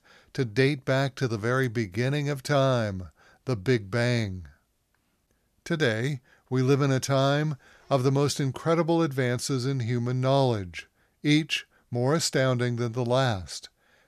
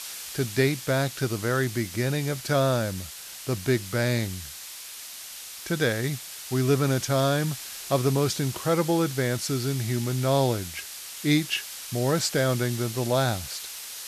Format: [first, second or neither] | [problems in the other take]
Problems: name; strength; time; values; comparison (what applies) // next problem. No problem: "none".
first | hiss; noticeable; throughout; 10 dB below the speech